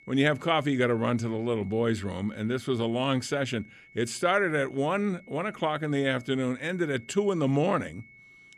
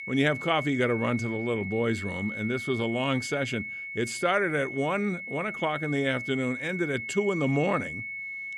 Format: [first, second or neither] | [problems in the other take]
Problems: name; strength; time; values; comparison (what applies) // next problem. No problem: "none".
first | high-pitched whine; loud; throughout; 2 kHz, 6 dB below the speech; faint in the first